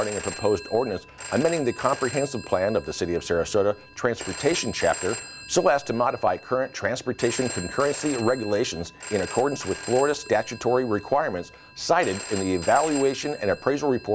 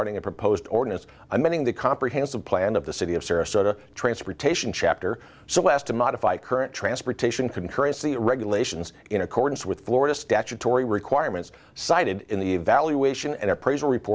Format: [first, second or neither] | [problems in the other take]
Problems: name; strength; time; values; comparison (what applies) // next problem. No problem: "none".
second | background sound (Telephone); 13 dB below the speech